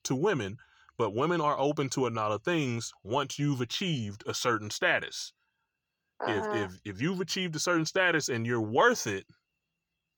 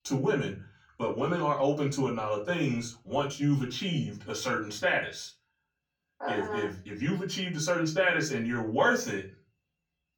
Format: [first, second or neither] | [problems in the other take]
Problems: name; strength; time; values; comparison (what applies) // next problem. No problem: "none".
first | off-mic speech; far // room echo; very slight; dies away in 0.3 s